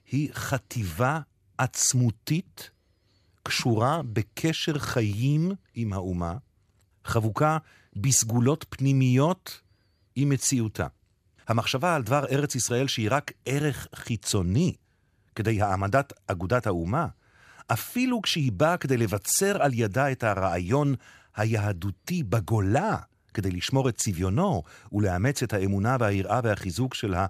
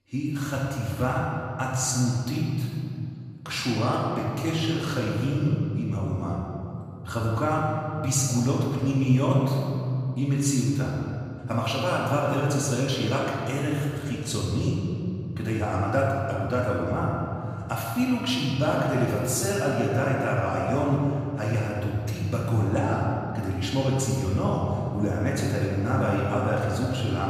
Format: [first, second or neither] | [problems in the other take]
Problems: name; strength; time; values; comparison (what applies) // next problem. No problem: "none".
first | room echo; noticeable; dies away in 2.5 s // off-mic speech; far